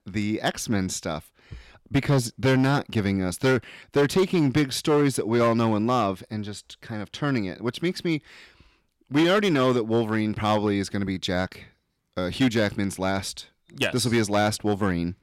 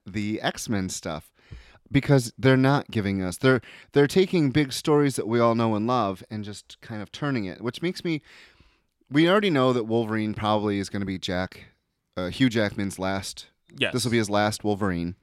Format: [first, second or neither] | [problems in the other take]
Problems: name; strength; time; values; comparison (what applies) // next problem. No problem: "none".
second | distortion; slight; 5% of the sound clipped